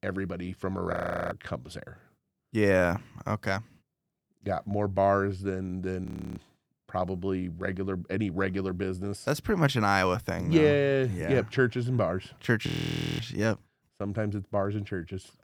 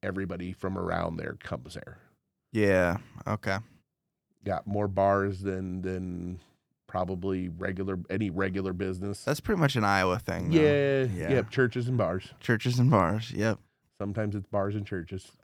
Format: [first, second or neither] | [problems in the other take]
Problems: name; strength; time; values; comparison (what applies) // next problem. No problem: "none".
second | audio freezing; at 1 s, at 6 s and at 13 s for 0.5 s